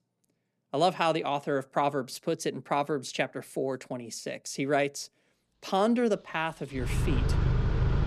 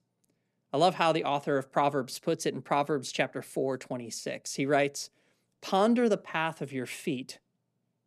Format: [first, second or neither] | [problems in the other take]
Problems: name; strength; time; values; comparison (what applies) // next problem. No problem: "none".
second | traffic noise; very loud; from 6 s on; 1 dB above the speech